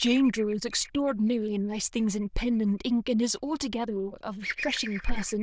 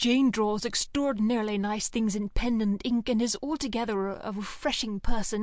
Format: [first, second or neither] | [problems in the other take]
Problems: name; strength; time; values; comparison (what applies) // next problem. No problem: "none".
second | noise reduction (neural diffusion model UNIVERSE++)